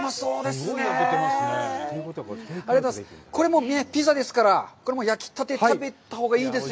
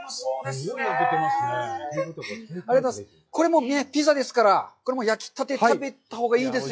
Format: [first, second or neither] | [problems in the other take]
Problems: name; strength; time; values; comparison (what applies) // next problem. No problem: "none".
first | noise reduction (classical method log-MMSE)